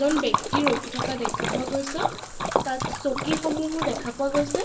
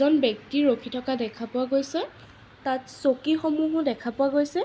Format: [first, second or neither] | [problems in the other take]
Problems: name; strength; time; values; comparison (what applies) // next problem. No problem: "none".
second | background sound (Splash, splatter); 1 dB below the speech // room echo; dies away in 1 s